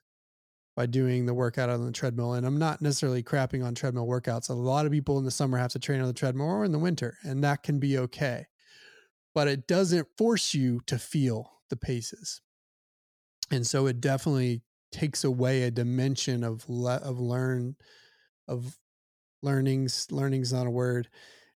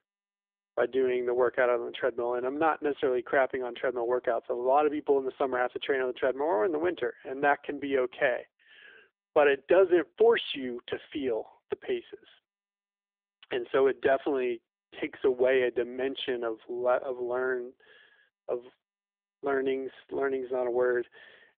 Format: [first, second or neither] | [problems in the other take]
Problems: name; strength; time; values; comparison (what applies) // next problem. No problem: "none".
first | phone-call audio; poor line; nothing above 3.5 kHz